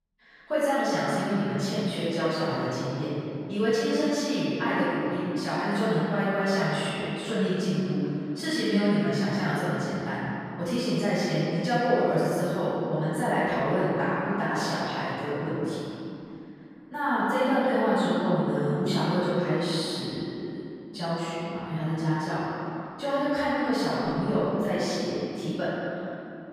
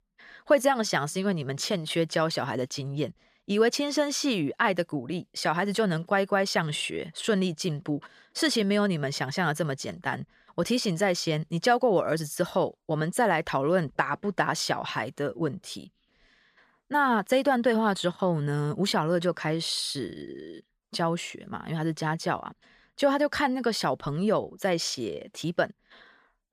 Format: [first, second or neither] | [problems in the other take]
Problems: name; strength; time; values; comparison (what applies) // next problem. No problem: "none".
second | off-mic speech; far // room echo; strong; dies away in 3 s